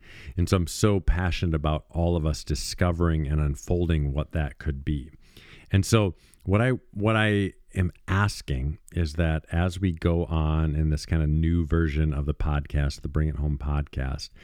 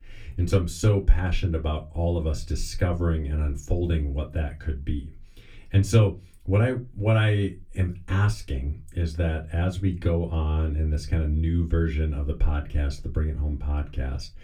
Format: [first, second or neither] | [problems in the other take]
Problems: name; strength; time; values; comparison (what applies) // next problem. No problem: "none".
first | off-mic speech; far // room echo; very slight; dies away in 0.2 s